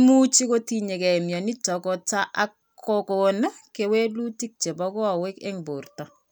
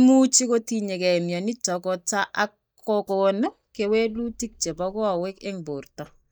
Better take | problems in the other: first | noise reduction (neural mask model DeepFilterNet 3)

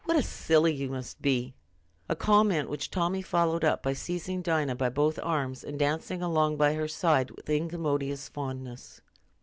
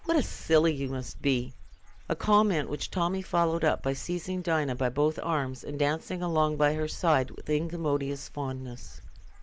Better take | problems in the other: first | background sound (Bird / Dog); 13 dB below the speech

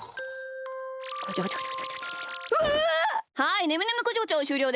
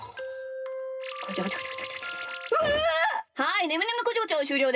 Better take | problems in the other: first | room echo; dies away in 0.2 s

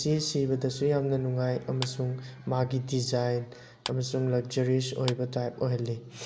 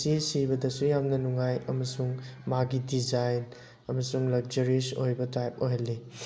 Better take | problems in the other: second | background sound (Clapping); 16 dB below the speech

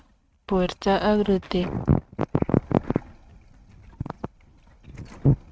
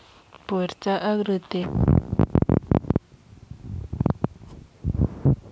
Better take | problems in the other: second | noise reduction (neural mask model RNNoise)

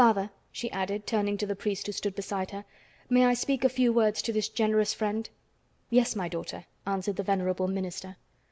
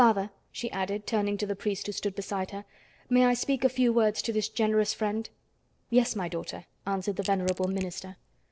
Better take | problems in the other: first | noise reduction (neural separator model SepFormer DNS4)

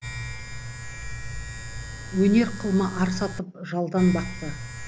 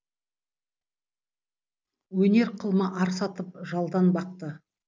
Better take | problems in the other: second | background sound (Domestic sounds, home sounds); 8 dB below the speech

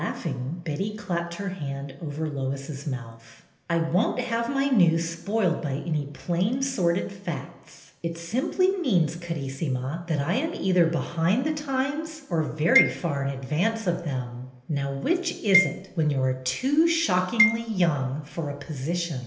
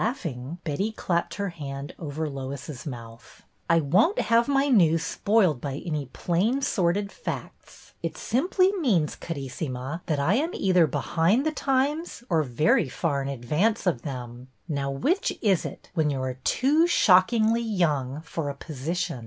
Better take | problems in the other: second | background sound (Marimba, xylophone); 4 dB below the speech // room echo; dies away in 0.8 s

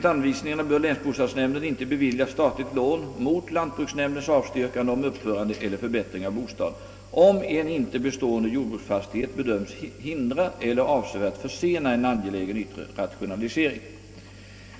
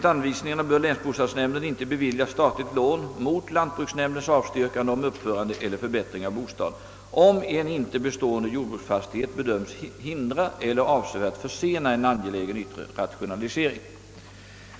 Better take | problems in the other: second | room echo; dies away in 1.6 s

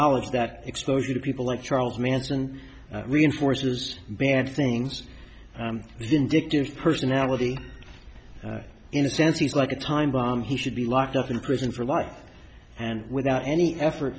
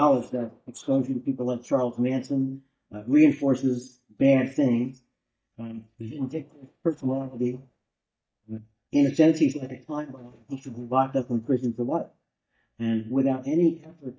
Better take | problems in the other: first | noise reduction (neural mask model DeepFilterNet 3)

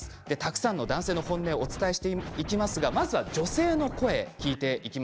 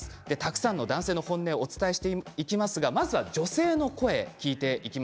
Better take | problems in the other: second | background sound (Scratching (performance technique)); 10 dB below the speech

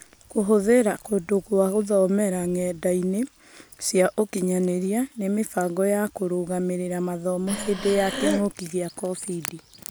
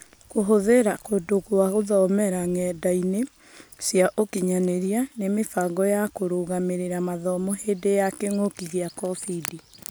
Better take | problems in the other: second | background sound (Breathing); 5 dB below the speech

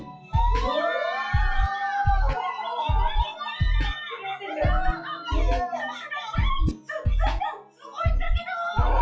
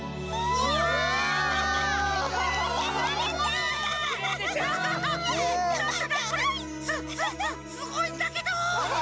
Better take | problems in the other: second | noise reduction (classical method WPE with log-MMSE)

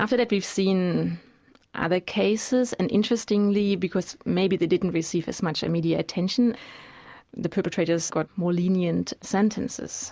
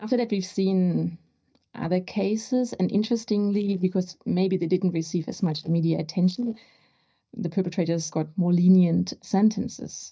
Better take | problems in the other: first | noise reduction (neural mask model DeepFilterNet 3)

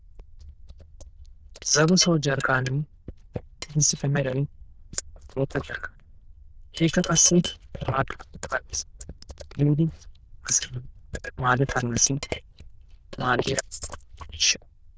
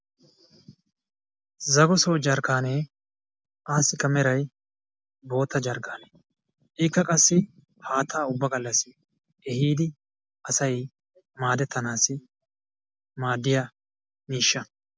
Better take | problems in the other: second | noise reduction (neural diffusion model UNIVERSE++)

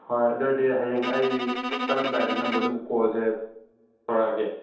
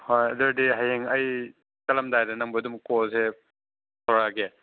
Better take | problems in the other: second | background sound (Bowed string instrument); 5 dB below the speech // room echo; dies away in 0.8 s

